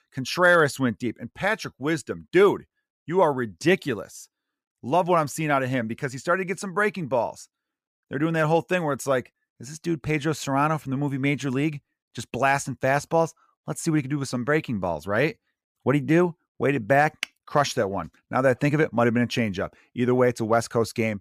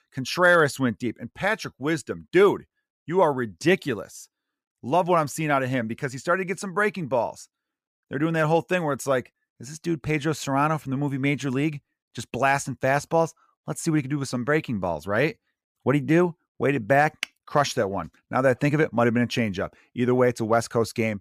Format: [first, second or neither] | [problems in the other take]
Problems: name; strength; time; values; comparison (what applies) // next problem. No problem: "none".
neither | none